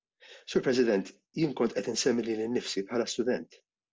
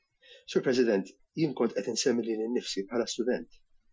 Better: first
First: none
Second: noise reduction (classical method Wiener filter)

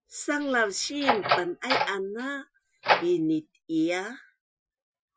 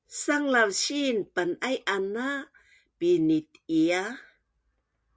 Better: second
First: noise reduction (classical method Wiener filter)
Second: none

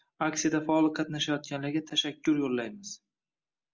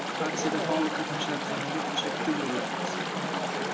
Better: first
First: none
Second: background sound (Chatter / Stream); 4 dB above the speech

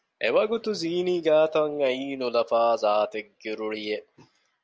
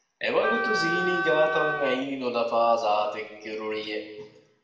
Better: first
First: none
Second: background sound (Wind instrument, woodwind instrument); 2 dB below the speech // room echo; dies away in 1 s

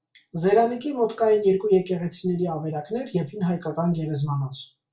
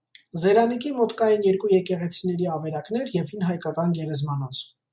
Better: second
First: room echo; dies away in 0.2 s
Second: none

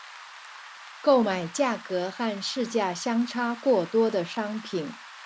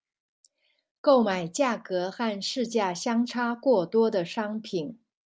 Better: second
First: background sound (Rain); 17 dB below the speech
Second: none

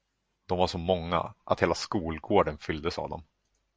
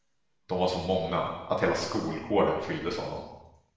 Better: first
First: none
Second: room echo; dies away in 0.9 s

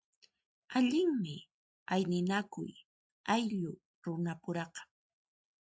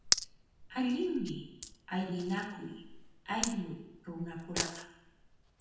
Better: first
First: none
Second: background sound (Coin (dropping)); 2 dB below the speech // room echo; dies away in 0.9 s

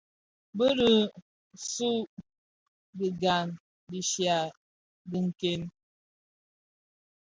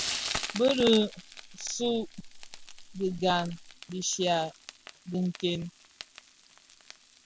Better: first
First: none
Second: background sound (Frying (food)); 10 dB below the speech

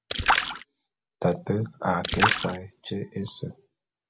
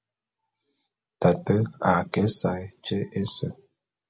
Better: second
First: background sound (Splash, splatter); 1 dB above the speech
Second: none

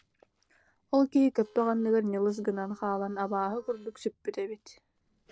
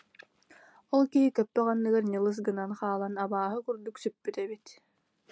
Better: second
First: noise reduction (neural separator model SepFormer DNS4)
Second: none

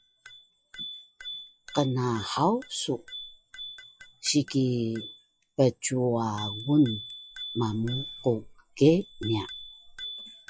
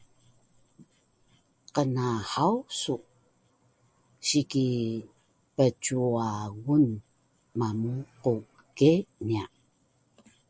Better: second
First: noise reduction (classical method log-MMSE)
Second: none

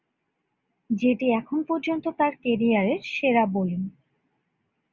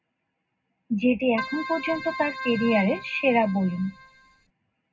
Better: first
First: none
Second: background sound (Keyboard (musical)); 10 dB below the speech // room echo; dies away in 0.3 s

